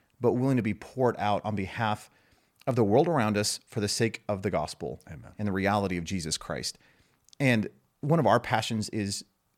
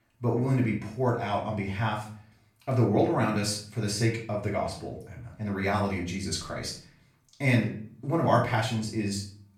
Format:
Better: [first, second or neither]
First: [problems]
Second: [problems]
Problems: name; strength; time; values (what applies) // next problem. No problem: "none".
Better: first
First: none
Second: room echo; slight; dies away in 0.4 s // off-mic speech; far